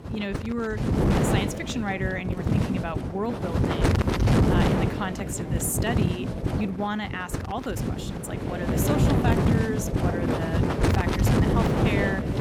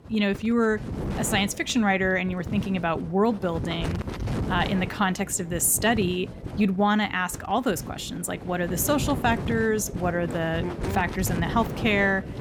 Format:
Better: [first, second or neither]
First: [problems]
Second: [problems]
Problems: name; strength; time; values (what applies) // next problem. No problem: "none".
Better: second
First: wind noise on the microphone; heavy; 2 dB above the speech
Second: wind noise on the microphone; occasional gusts; 15 dB below the speech